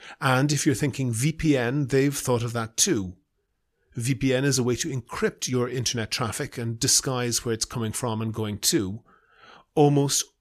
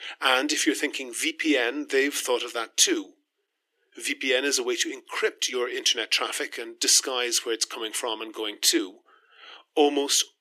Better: first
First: none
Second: thin; somewhat; fading below 300 Hz

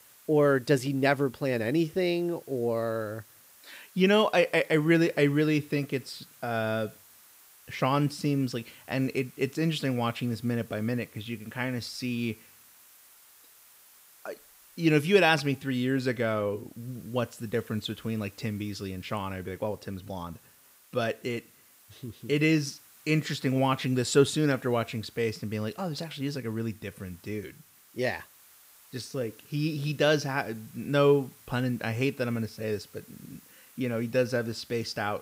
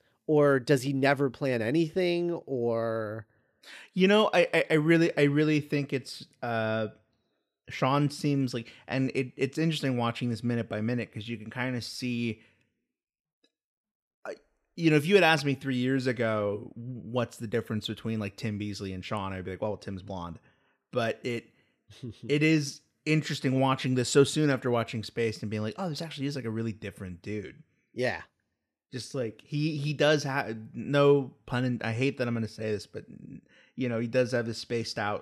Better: second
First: hiss; faint; throughout; 25 dB below the speech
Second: none

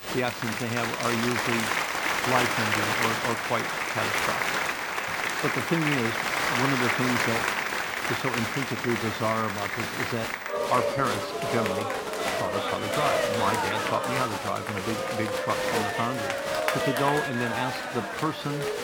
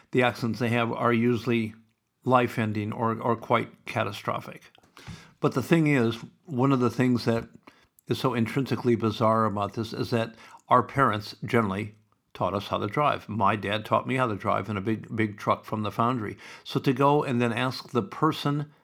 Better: second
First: crowd noise; very loud; throughout; 3 dB above the speech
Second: none

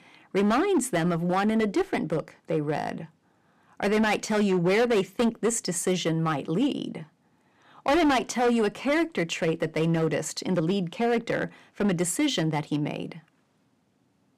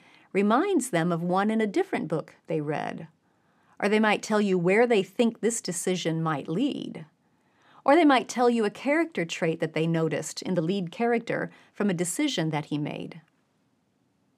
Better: second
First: distortion; slight; 7% of the sound clipped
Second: none

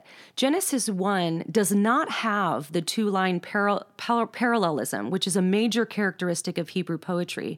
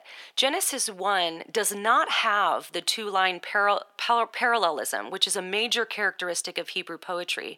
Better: first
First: none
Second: thin; very; fading below 650 Hz

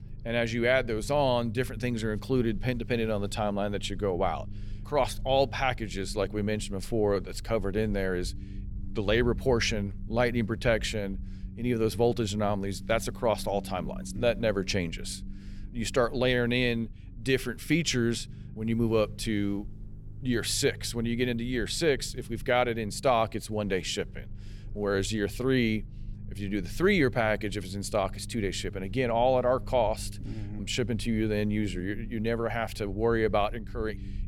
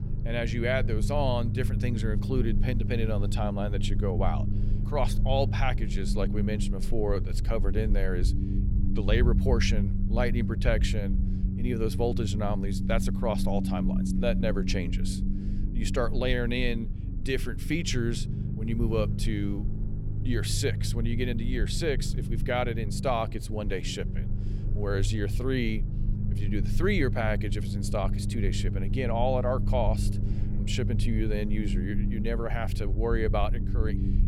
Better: first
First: low rumble; faint; throughout; 25 dB below the speech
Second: low rumble; loud; throughout; 10 dB below the speech

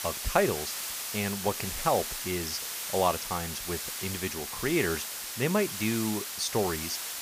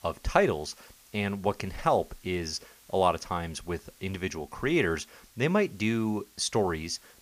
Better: second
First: hiss; loud; throughout; 3 dB below the speech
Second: hiss; faint; throughout; 25 dB below the speech

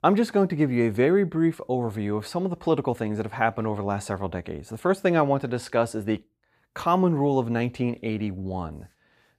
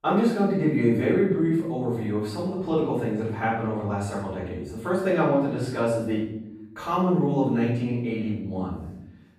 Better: first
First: none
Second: room echo; noticeable; dies away in 0.8 s // off-mic speech; far

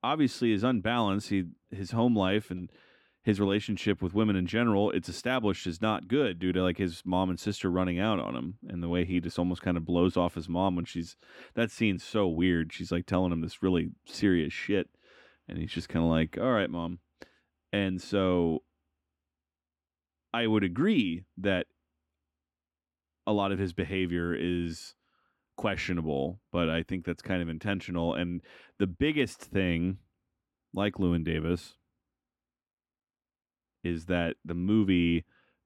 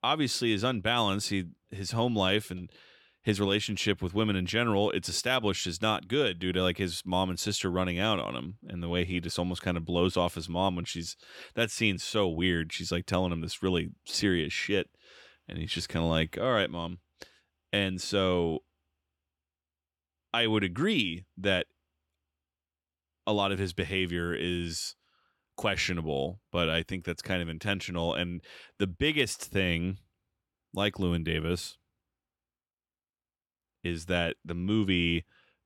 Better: second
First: muffled; slightly; fading above 3 kHz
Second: none

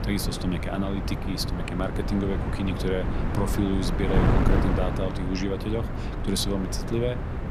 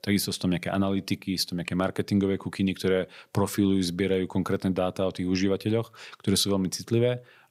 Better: second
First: wind noise on the microphone; heavy; 2 dB below the speech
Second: none

